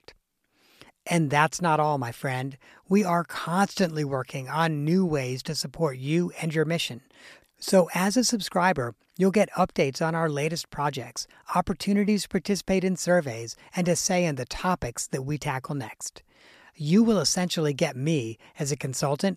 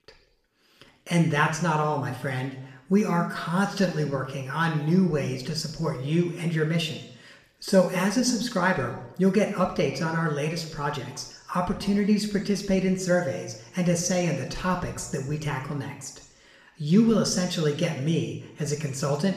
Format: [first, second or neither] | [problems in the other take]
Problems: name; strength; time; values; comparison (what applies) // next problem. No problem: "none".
first | room echo; slight; dies away in 0.8 s // off-mic speech; somewhat distant